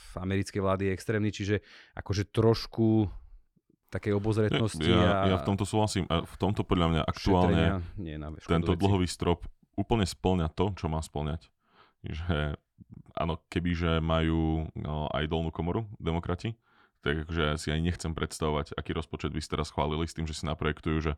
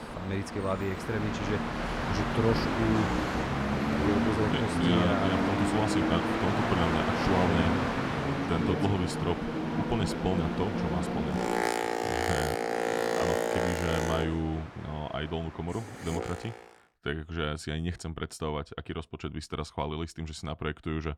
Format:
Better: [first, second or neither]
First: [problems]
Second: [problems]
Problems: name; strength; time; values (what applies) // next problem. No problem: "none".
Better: first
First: none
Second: train or aircraft noise; very loud; until 16 s; 3 dB above the speech